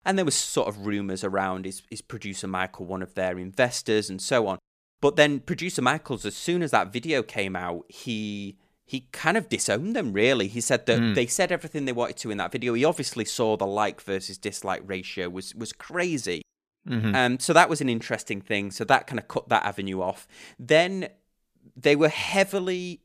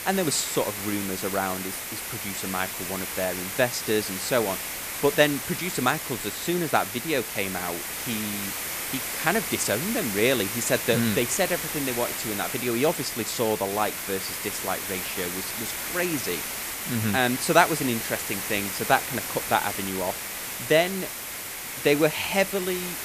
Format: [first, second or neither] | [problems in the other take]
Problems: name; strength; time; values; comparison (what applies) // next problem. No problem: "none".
first | hiss; loud; throughout; 3 dB below the speech